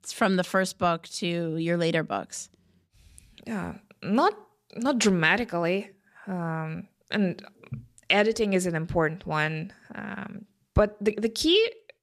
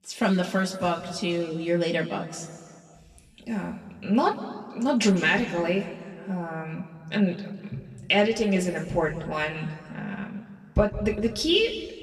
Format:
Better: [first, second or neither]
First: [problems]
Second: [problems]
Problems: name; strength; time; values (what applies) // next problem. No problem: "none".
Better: first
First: none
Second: room echo; slight; dies away in 1.8 s // off-mic speech; somewhat distant